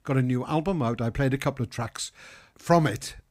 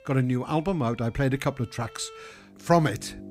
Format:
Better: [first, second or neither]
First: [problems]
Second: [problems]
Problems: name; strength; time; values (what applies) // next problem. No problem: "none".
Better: first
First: none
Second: background music; faint; throughout; 25 dB below the speech